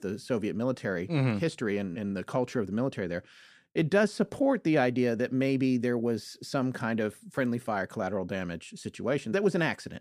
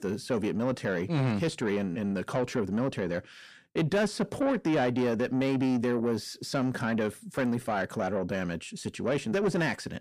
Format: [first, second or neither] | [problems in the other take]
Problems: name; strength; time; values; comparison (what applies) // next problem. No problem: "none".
first | distortion; slight; 10 dB below the speech